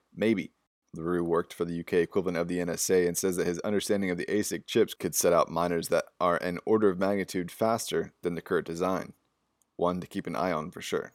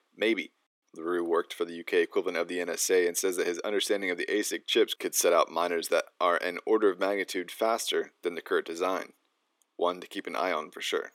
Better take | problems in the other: first | thin; somewhat; fading below 300 Hz

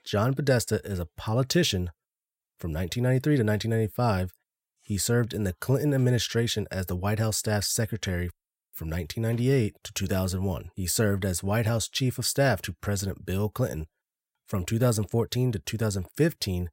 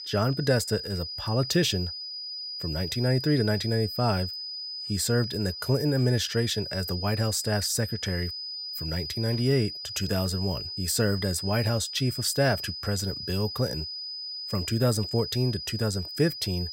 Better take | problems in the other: first | high-pitched whine; loud; throughout; 5 kHz, 6 dB below the speech

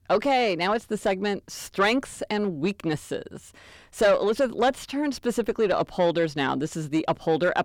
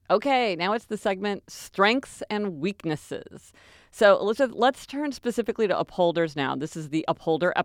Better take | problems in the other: second | distortion; slight; 10 dB below the speech

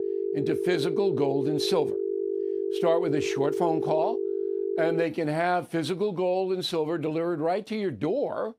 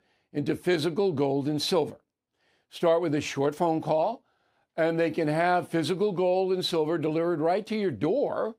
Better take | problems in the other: second | phone ringing; noticeable; until 5 s; peak 1 dB below the speech

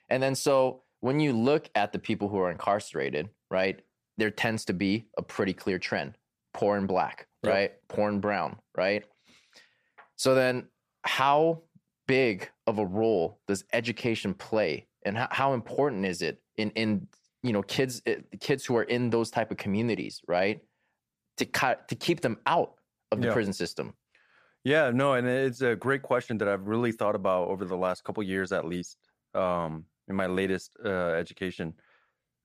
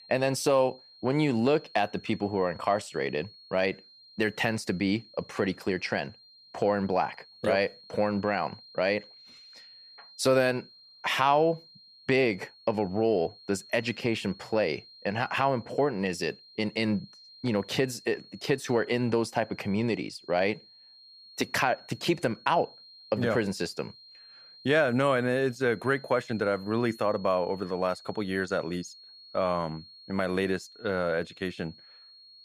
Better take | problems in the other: first | high-pitched whine; faint; throughout; 4 kHz, 20 dB below the speech

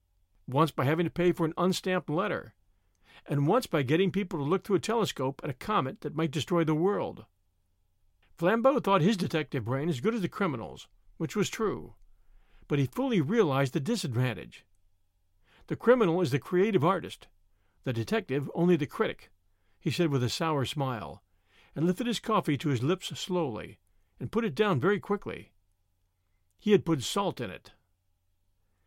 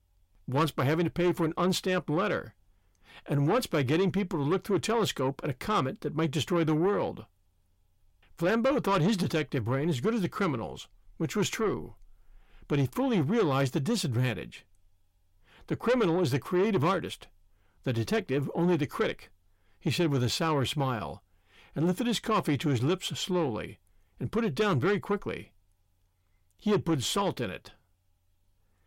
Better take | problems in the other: first | distortion; slight; 10 dB below the speech

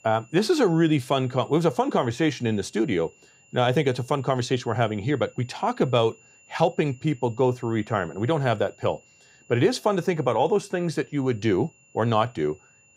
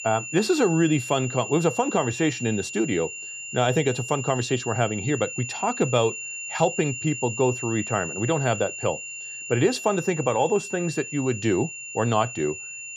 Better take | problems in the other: first | high-pitched whine; loud; throughout; 2.5 kHz, 8 dB below the speech; faint in the first

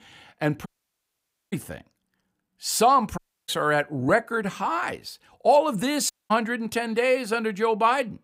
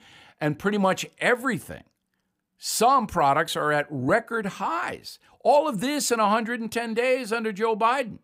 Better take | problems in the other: second | audio cutting out; at 0.5 s for 1 s, at 3 s and at 6 s

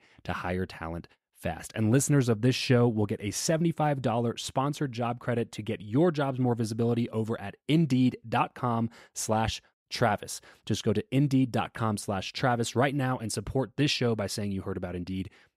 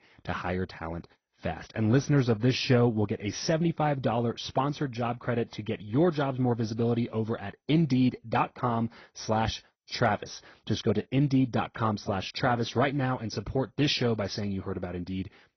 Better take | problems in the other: first | garbled, watery; badly; nothing above 6 kHz

